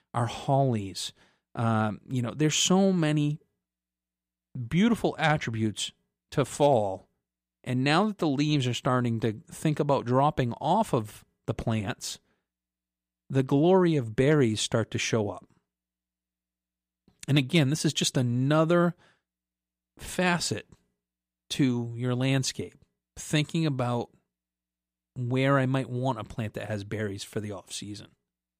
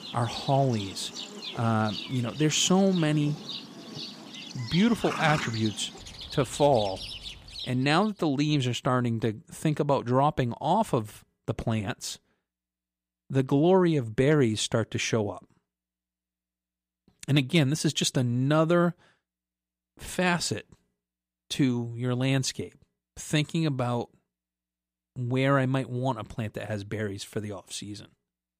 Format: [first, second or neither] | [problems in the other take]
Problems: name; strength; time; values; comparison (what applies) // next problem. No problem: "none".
first | animal sounds; noticeable; until 7.5 s; 10 dB below the speech